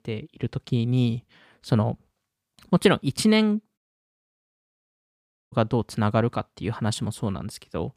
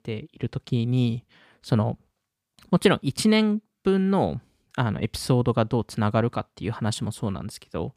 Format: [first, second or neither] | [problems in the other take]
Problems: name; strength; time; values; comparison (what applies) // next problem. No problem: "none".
second | audio cutting out; at 4 s for 1.5 s